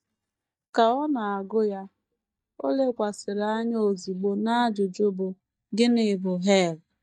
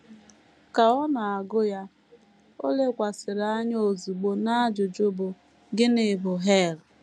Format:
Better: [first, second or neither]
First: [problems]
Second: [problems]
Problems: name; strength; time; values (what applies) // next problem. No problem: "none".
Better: second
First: noise reduction (neural mask model DeepFilterNet 3)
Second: none